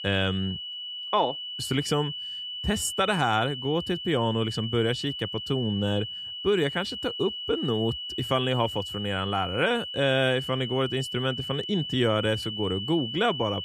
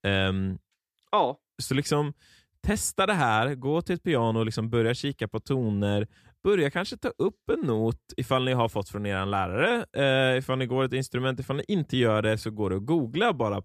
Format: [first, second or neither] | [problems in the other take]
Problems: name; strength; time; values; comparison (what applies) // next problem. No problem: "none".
second | high-pitched whine; loud; throughout; 3 kHz, 6 dB below the speech